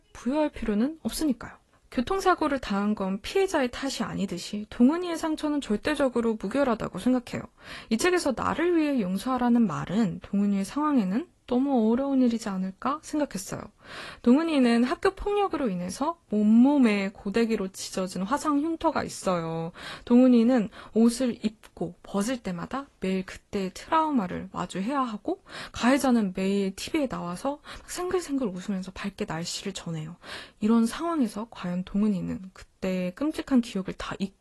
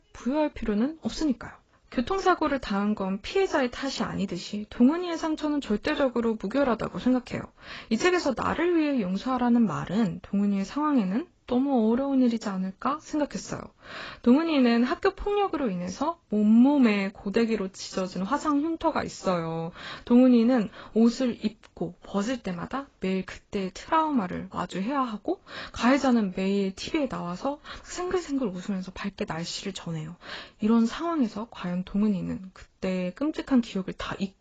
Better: first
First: garbled, watery; slightly; nothing above 11.5 kHz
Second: garbled, watery; badly; nothing above 7.5 kHz

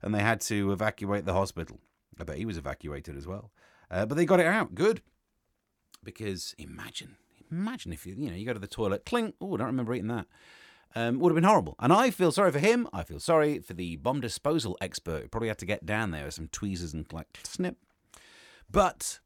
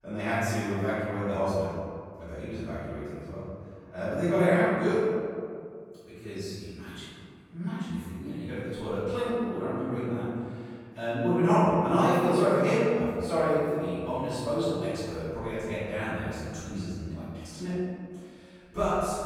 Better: first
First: none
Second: room echo; strong; dies away in 2 s // off-mic speech; far

